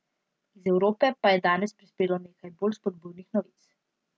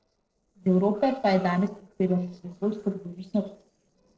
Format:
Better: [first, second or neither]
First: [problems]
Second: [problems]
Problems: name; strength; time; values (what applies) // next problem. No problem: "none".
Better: first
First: none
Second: noise reduction (neural separator model SepFormer DNS4)